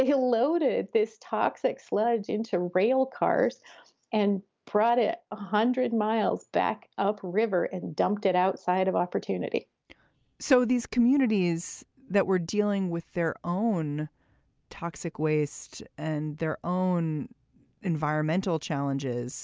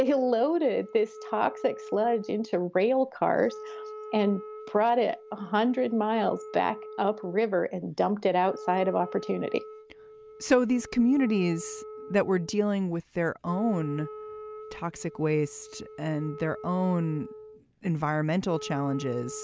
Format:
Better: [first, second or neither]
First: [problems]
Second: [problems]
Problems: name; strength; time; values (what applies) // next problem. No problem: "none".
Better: first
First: none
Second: background sound (Wind instrument, woodwind instrument); 16 dB below the speech